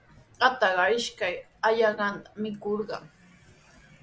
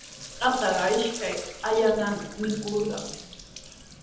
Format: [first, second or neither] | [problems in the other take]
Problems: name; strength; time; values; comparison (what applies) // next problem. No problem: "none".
first | background sound (Sink (filling or washing)); 13 dB below the speech // room echo; dies away in 0.9 s